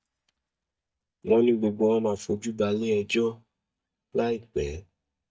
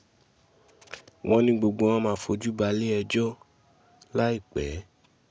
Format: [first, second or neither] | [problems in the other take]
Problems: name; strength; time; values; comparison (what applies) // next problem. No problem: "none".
second | noise reduction (neural mask model DeepFilterNet 3)